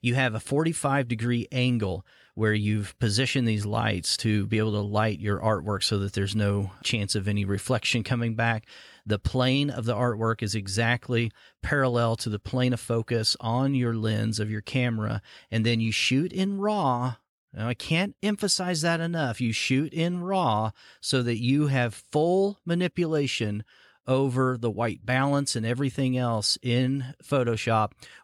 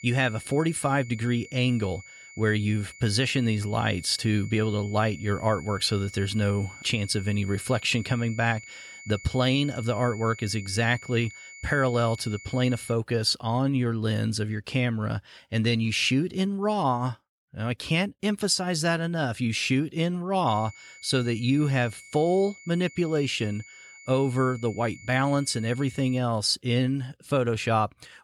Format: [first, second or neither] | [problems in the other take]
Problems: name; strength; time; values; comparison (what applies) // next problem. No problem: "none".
first | high-pitched whine; noticeable; until 13 s and from 20 to 26 s; 2 kHz, 20 dB below the speech